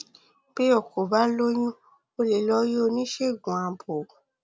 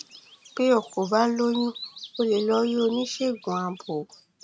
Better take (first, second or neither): first